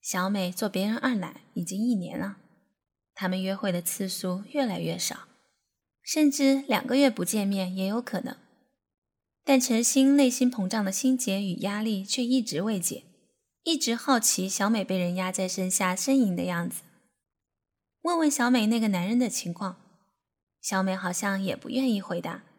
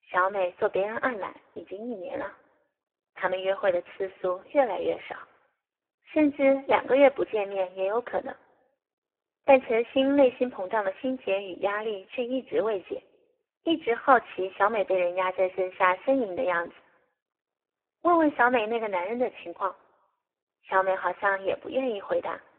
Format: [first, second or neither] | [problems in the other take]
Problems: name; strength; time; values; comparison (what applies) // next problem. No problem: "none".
first | phone-call audio; poor line